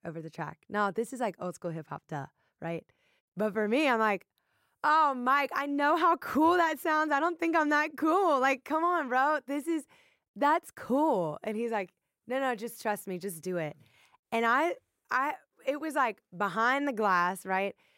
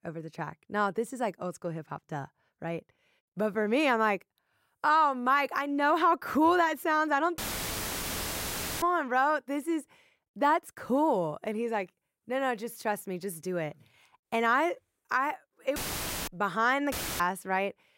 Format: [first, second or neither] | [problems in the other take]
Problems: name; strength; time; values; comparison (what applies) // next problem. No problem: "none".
first | audio cutting out; filled with static; at 7.5 s for 1.5 s, at 16 s for 0.5 s and at 17 s